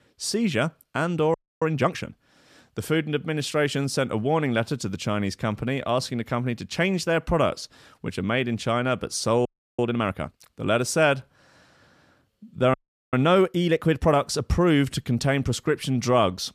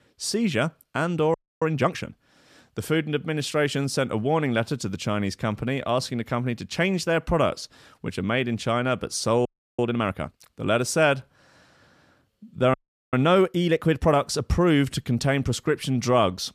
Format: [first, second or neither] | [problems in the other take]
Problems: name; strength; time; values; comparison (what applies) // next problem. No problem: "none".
neither | audio freezing; at 1.5 s, at 9.5 s and at 13 s; the same in both